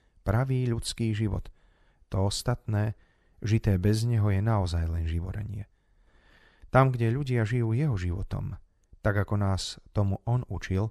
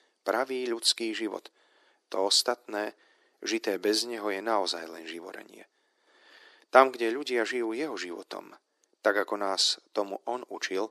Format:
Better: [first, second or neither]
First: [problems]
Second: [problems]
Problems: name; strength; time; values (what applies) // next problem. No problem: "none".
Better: first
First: none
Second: thin; very; fading below 300 Hz